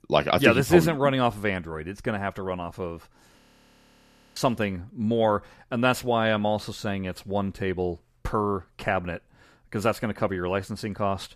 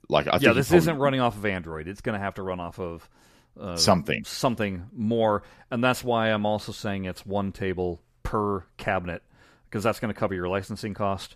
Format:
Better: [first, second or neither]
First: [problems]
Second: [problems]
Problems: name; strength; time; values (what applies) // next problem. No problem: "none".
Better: second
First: audio freezing; at 3.5 s for 1 s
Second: none